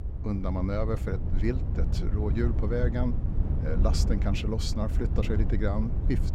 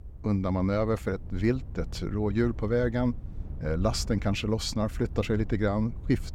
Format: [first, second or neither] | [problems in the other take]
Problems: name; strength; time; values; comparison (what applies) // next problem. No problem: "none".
second | low rumble; loud; throughout; 8 dB below the speech; faint in the second